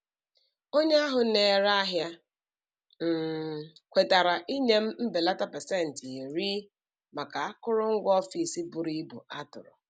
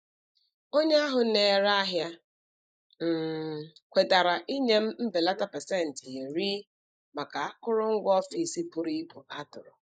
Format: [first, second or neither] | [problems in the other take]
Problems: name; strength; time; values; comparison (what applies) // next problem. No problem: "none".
first | noise reduction (neural mask model Resemble Enhance denoiser)